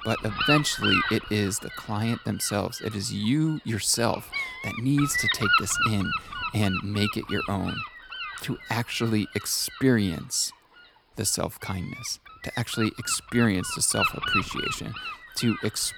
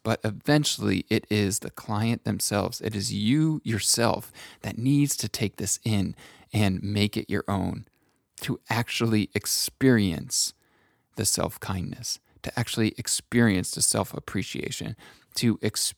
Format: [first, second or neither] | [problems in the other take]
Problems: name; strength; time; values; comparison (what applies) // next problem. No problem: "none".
second | wind noise on the microphone; heavy; 2 dB above the speech